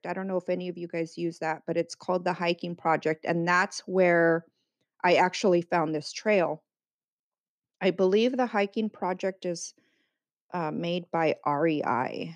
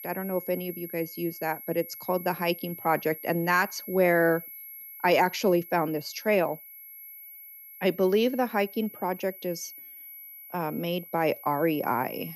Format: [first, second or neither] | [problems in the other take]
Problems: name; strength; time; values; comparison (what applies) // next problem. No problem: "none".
first | high-pitched whine; noticeable; throughout; 11.5 kHz, 15 dB below the speech